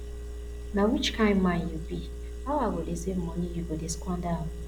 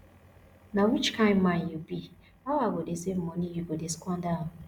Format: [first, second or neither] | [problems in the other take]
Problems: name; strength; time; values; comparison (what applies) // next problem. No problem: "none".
second | background sound (Engine); 7 dB below the speech